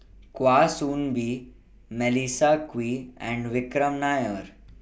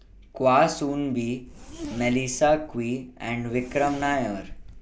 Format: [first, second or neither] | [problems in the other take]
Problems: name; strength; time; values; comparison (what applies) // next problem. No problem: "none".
first | background sound (Zipper (clothing)); 14 dB below the speech